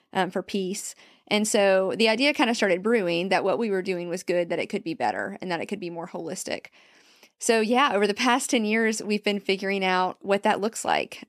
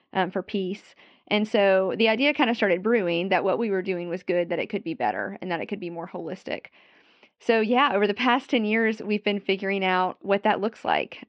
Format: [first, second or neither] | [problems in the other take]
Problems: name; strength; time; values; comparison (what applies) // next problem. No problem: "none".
first | muffled; slightly; fading above 3.5 kHz